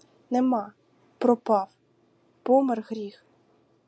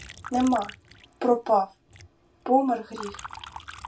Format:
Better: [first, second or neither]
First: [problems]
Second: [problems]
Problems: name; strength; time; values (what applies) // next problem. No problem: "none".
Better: first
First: none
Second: background sound (Liquid); 17 dB below the speech // room echo; dies away in 0.2 s